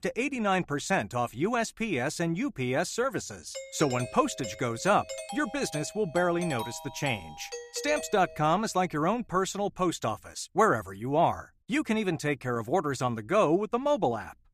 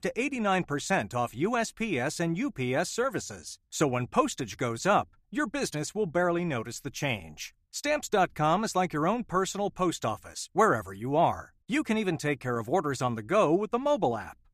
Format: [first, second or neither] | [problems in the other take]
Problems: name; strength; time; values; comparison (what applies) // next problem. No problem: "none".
second | doorbell; noticeable; from 3.5 to 8.5 s; peak 9 dB below the speech